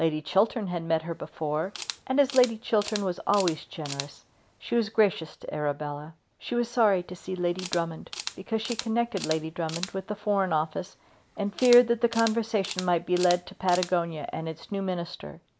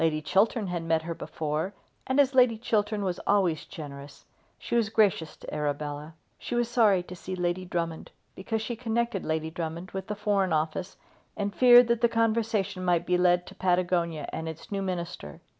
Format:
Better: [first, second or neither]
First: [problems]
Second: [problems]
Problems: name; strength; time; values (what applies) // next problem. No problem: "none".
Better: second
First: background sound (Camera); 14 dB below the speech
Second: none